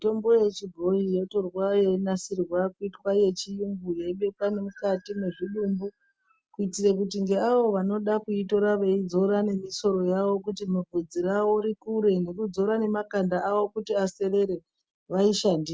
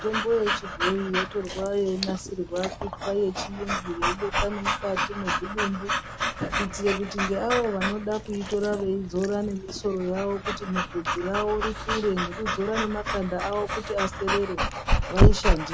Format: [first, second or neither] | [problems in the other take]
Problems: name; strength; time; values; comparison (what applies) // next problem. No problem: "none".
first | background sound (Dog / Breathing); 1 dB above the speech